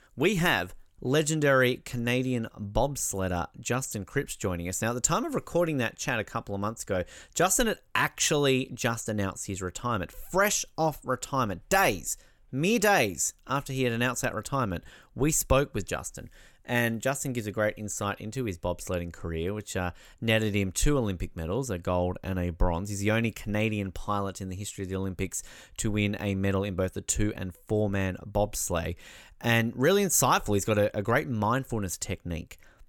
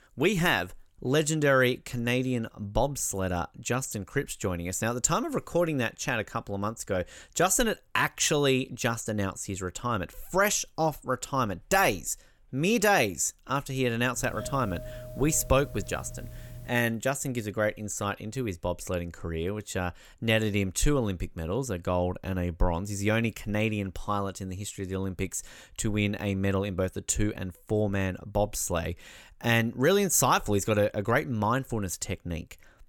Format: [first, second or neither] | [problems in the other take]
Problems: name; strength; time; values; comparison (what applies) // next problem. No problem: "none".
first | doorbell; faint; from 14 to 17 s; peak 10 dB below the speech